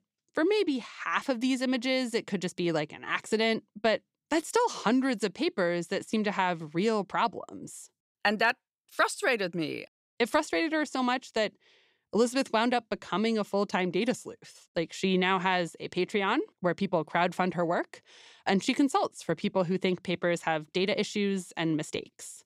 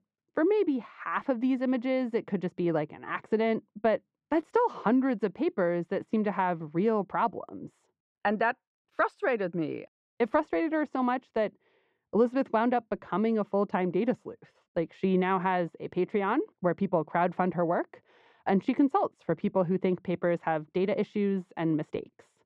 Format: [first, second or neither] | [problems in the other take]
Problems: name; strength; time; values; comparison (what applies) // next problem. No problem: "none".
first | muffled; very; fading above 3.5 kHz